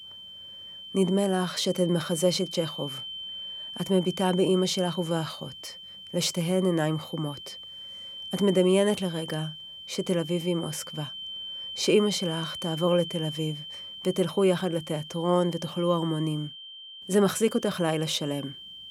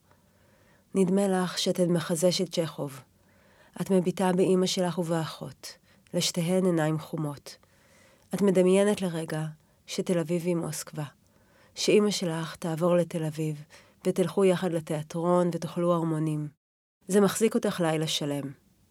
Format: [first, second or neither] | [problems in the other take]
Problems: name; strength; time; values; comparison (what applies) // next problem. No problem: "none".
second | high-pitched whine; noticeable; throughout; 3 kHz, 10 dB below the speech